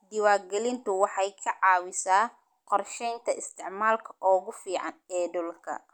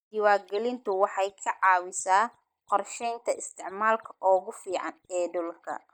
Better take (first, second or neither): first